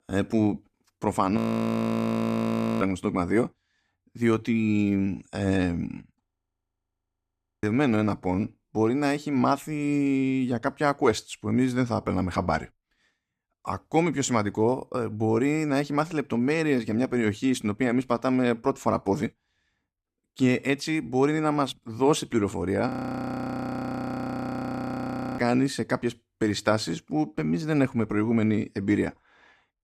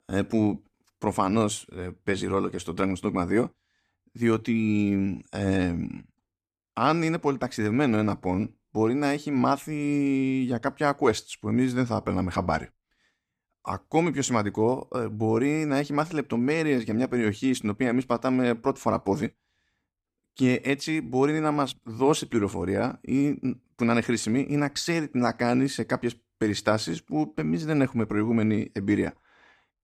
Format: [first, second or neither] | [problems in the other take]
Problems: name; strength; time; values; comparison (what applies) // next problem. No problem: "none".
second | audio freezing; at 1.5 s for 1.5 s, at 6.5 s for 1.5 s and at 23 s for 2.5 s